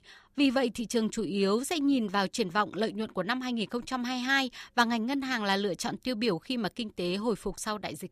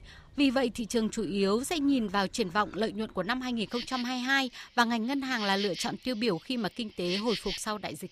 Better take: first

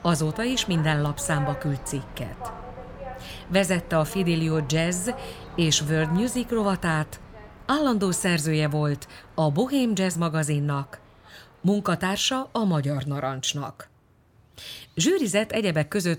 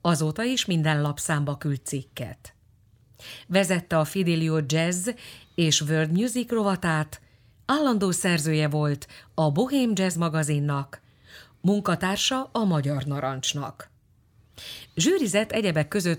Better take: second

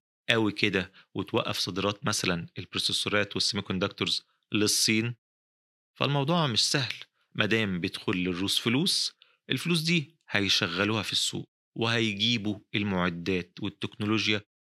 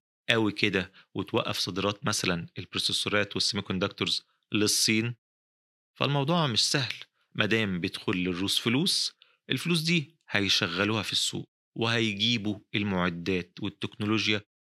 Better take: neither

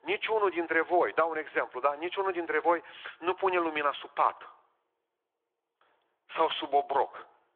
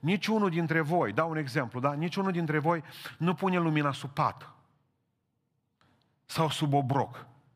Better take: second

